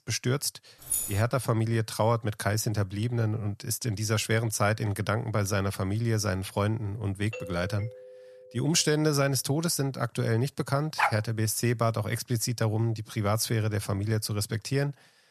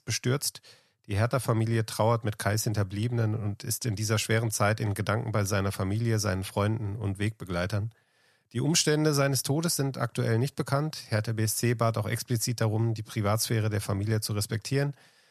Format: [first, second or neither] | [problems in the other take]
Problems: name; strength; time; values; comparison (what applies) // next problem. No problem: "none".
second | jangling keys; noticeable; at 1 s; peak 1 dB below the speech // doorbell; faint; from 7.5 to 9 s; peak 10 dB below the speech // dog barking; loud; at 11 s; peak level with the speech